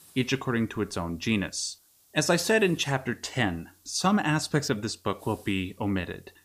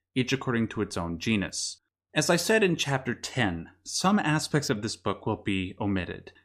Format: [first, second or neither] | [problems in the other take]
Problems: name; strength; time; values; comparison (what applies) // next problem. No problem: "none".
second | hiss; faint; throughout; 30 dB below the speech